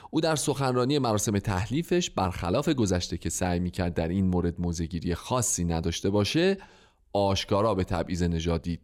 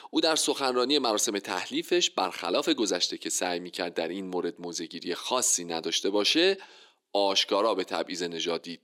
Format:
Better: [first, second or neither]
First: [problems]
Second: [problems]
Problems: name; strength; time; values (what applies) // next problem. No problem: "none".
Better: first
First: none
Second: thin; somewhat; fading below 300 Hz